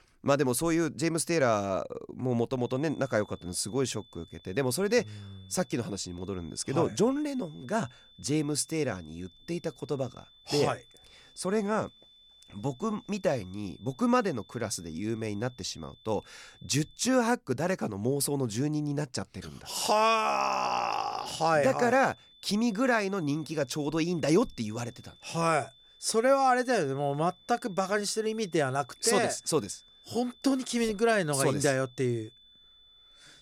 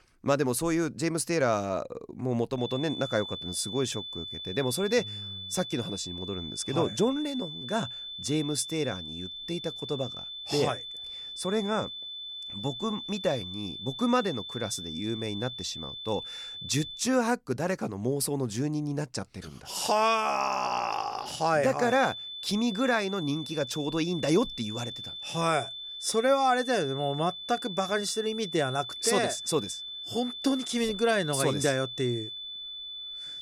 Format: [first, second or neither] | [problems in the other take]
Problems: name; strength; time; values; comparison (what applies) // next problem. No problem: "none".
first | high-pitched whine; loud; from 2.5 to 17 s and from 22 s on; 3.5 kHz, 8 dB below the speech; faint in the first